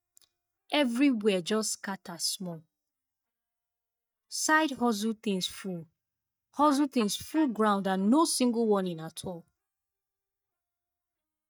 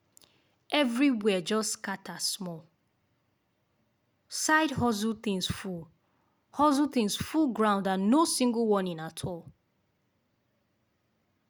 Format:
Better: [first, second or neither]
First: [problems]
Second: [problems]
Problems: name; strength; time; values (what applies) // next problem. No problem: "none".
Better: second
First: noise reduction (neural mask model DeepFilterNet 3)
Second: none